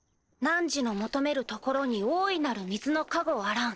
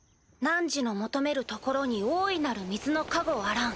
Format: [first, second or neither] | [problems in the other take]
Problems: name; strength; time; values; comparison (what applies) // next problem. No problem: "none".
second | noise reduction (neural separator model SepFormer DNS4)